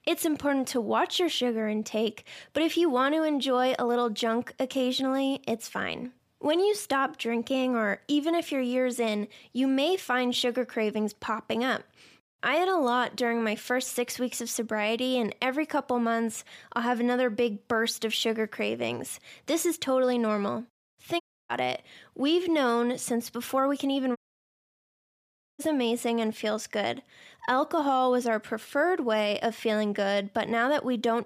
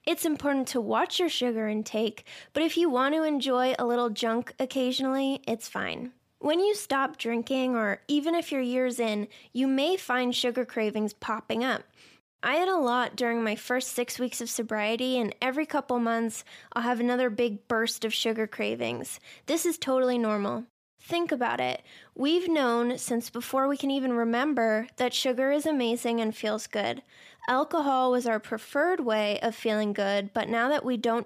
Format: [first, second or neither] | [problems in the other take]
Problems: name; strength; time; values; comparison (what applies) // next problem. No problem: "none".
second | audio cutting out; at 21 s and at 24 s for 1.5 s